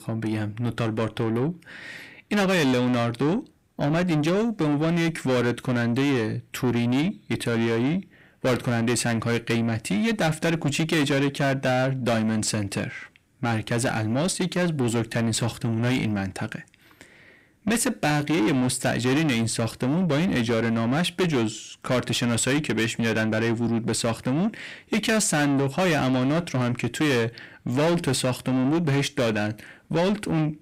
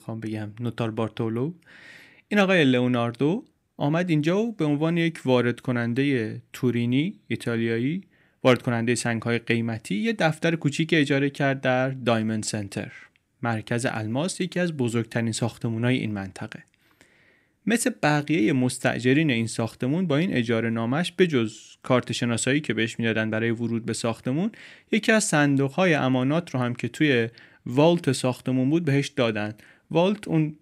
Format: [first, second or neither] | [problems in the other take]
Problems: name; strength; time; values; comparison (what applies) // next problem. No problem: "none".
second | distortion; heavy; 7 dB below the speech